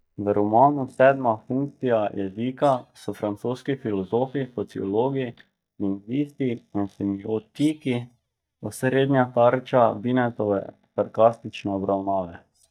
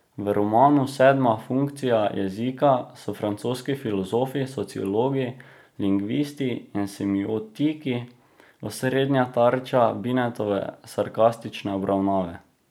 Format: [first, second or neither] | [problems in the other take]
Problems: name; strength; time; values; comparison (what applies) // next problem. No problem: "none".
second | noise reduction (neural mask model DeepFilterNet 3)